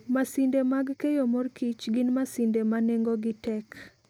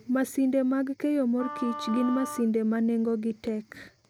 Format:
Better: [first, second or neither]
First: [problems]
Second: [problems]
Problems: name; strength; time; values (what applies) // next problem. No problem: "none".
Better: first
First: none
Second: background sound (Wind instrument, woodwind instrument); 12 dB below the speech